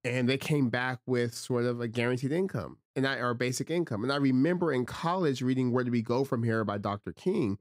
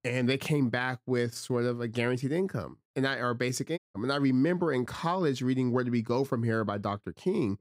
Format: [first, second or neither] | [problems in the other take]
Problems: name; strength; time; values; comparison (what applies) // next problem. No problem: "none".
first | audio cutting out; at 4 s